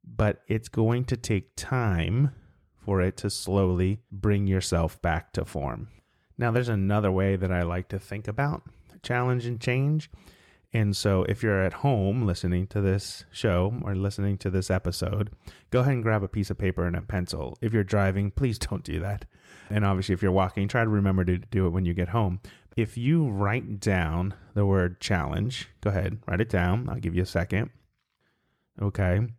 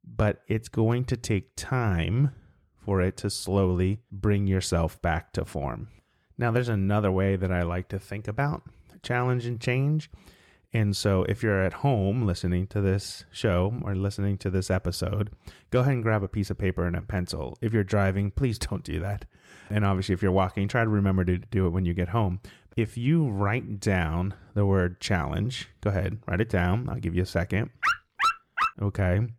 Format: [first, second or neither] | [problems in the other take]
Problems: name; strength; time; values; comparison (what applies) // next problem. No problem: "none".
first | dog barking; loud; at 28 s; peak 2 dB above the speech